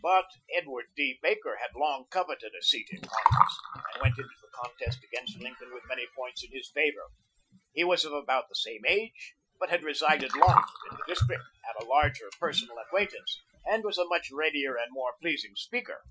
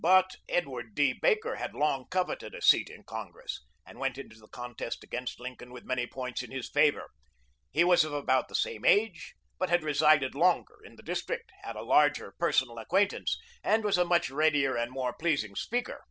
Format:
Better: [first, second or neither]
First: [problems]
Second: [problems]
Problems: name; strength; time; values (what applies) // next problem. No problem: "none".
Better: second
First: noise reduction (classical method Wiener filter)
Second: none